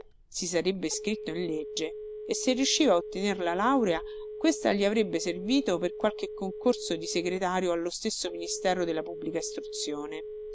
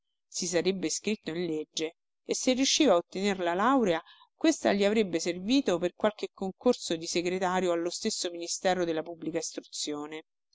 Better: second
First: background sound (Telephone); 11 dB below the speech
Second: none

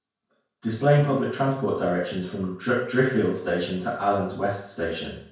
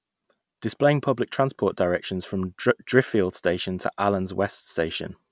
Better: second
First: room echo; dies away in 0.5 s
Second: none

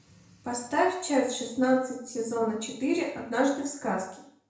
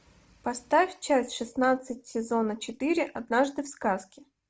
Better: second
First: room echo; dies away in 0.5 s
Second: none

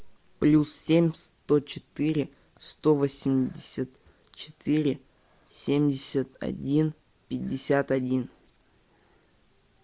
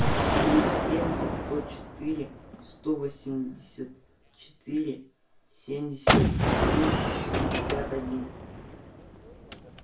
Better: first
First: none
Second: background sound (Gunshot, gunfire); 4 dB above the speech // room echo; dies away in 0.3 s

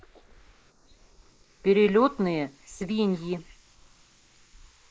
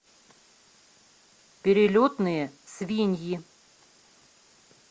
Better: second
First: noise reduction (neural mask model Resemble Enhance denoiser)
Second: none

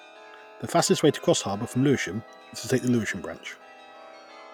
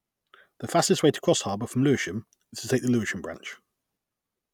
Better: second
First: background sound (Chime); 20 dB below the speech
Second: none

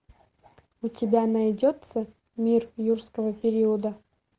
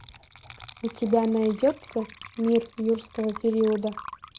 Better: first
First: none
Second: background sound (Water / Liquid); 18 dB below the speech

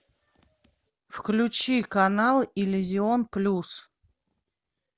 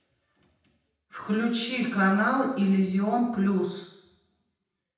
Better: first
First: none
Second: room echo; dies away in 0.9 s

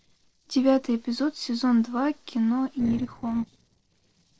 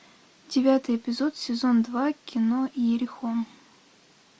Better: second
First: noise reduction (neural separator model SepFormer DNS4)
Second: none

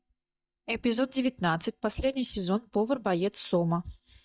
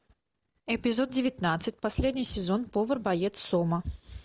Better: second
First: noise reduction (neural mask model DeepFilterNet 3)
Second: none

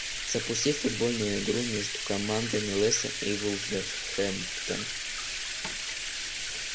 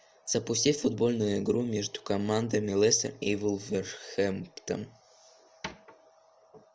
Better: second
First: background sound (Bathtub (filling or washing)); 3 dB below the speech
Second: none

